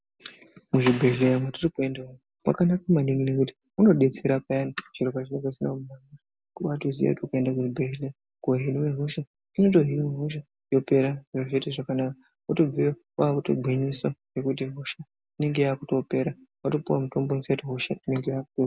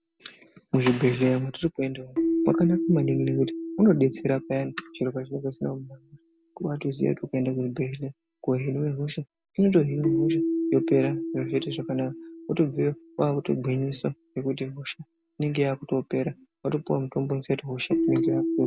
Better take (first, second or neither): first